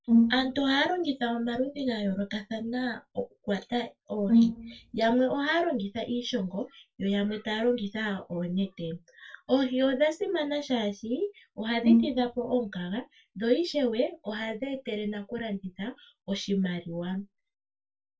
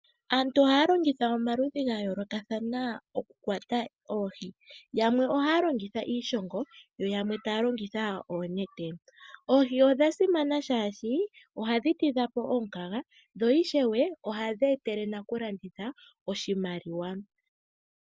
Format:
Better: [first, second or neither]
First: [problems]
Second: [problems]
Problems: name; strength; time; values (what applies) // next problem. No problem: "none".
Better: second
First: noise reduction (neural separator model SepFormer DNS4)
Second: none